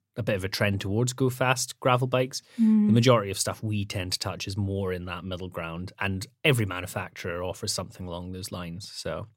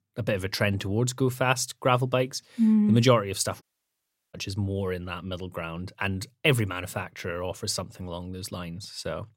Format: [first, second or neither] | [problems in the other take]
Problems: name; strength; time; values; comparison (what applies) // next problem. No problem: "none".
first | audio cutting out; at 3.5 s for 0.5 s